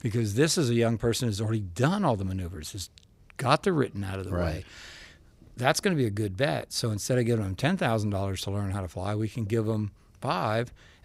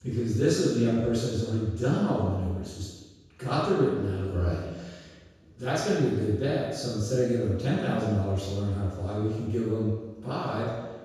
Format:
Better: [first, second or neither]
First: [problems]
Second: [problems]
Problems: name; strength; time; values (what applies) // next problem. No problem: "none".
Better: first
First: none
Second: room echo; strong; dies away in 1.2 s // off-mic speech; far